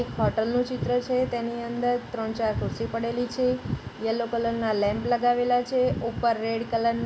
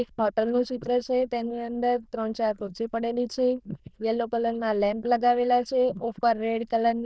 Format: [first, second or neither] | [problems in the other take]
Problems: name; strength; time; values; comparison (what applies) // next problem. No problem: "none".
first | noise reduction (neural diffusion model UNIVERSE++)